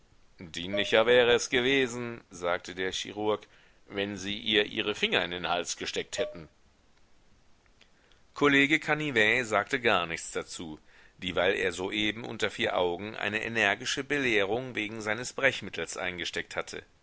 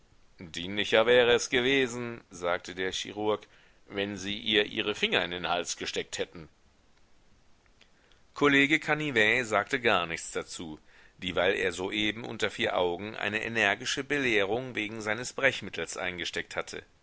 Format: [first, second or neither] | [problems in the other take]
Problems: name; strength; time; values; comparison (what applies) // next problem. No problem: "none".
second | background sound (Dishes, pots, and pans); 11 dB below the speech